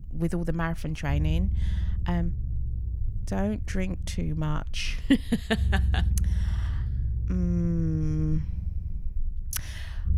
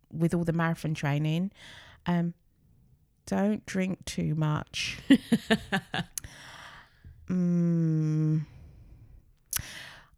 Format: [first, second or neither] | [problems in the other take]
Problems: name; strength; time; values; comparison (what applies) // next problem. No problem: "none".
second | low rumble; noticeable; throughout; 15 dB below the speech